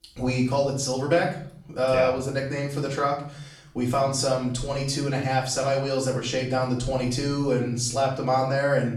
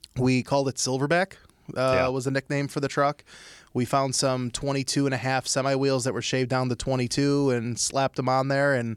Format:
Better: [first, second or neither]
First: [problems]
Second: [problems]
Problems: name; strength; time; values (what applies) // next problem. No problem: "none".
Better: second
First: off-mic speech; far // room echo; slight; dies away in 0.7 s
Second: none